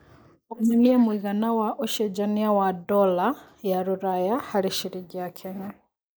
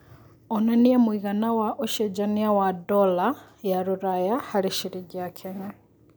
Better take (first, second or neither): second